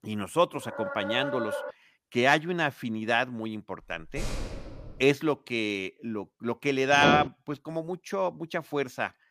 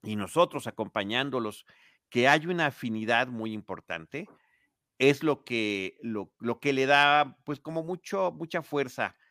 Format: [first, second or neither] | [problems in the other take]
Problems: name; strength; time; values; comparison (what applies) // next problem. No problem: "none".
second | dog barking; noticeable; from 0.5 to 1.5 s; peak 4 dB below the speech // door banging; noticeable; from 4 to 5 s; peak 8 dB below the speech // door banging; loud; at 7 s; peak 2 dB above the speech